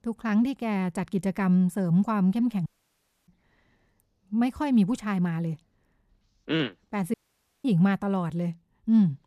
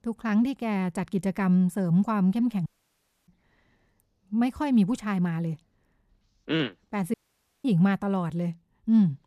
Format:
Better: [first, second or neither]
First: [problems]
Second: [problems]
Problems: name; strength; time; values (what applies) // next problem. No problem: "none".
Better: neither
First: audio cutting out; at 2.5 s for 0.5 s and at 7 s for 0.5 s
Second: audio cutting out; at 2.5 s for 0.5 s and at 7 s for 0.5 s